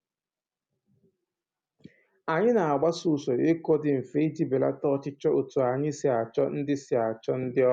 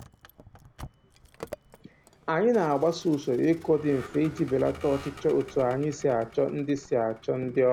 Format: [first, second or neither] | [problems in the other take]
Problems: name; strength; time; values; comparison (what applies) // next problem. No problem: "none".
first | background sound (Vehicle); 19 dB below the speech